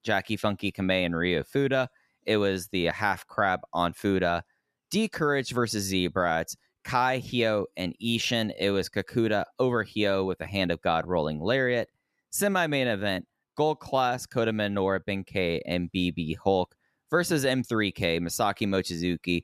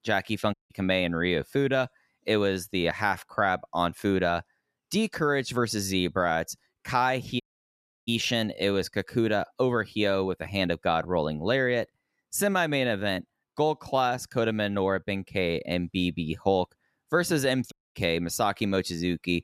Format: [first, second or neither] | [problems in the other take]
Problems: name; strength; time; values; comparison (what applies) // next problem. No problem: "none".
first | audio cutting out; at 0.5 s, at 7.5 s for 0.5 s and at 18 s